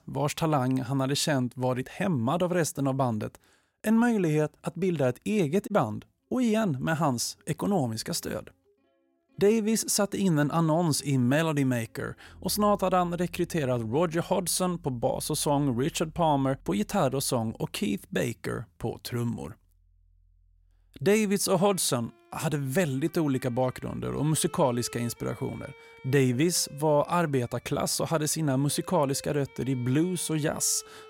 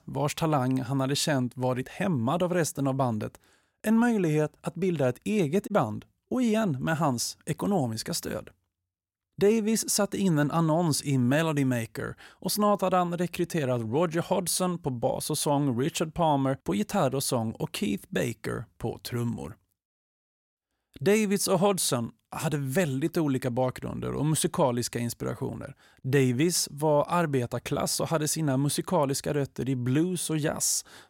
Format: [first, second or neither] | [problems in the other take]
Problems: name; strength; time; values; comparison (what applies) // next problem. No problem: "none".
second | background music; faint; throughout; 25 dB below the speech